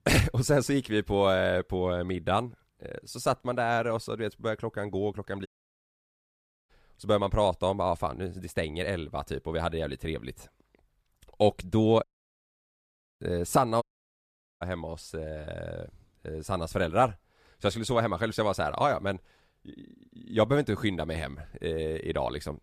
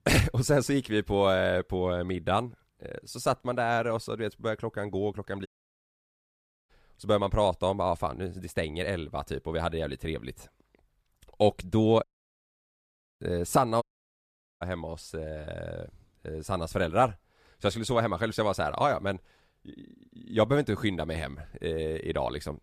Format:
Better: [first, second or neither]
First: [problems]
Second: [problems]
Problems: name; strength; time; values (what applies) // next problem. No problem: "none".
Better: neither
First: audio cutting out; at 5.5 s for 1 s, at 12 s for 1 s and at 14 s for 1 s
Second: audio cutting out; at 5.5 s for 1 s, at 12 s for 1 s and at 14 s for 1 s